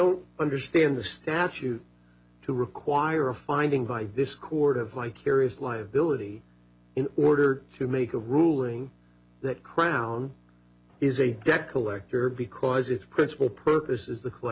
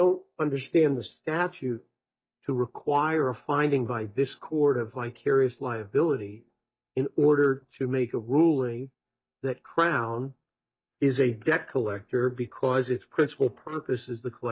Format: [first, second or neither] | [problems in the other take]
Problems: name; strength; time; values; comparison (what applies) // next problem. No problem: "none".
first | noise reduction (neural mask model DeepFilterNet 3)